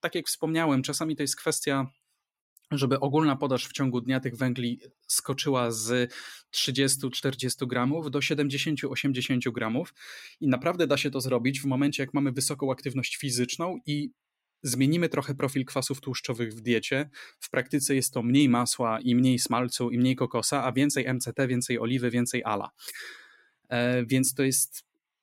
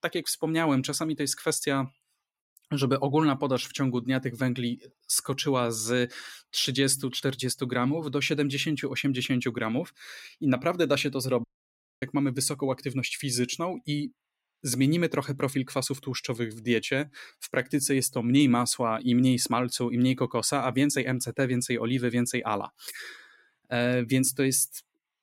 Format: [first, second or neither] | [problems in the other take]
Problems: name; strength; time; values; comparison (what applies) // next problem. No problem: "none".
first | audio cutting out; at 11 s for 0.5 s